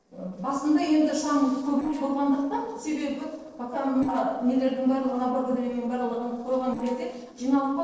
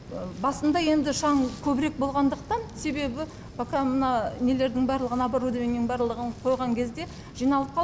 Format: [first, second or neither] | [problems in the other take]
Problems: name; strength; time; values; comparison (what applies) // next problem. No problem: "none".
second | noise reduction (neural separator model SepFormer DNS4)